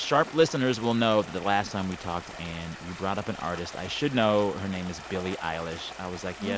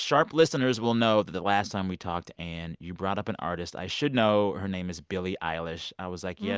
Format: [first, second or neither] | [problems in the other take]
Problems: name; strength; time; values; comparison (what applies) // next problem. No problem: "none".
second | background sound (Stream); 14 dB below the speech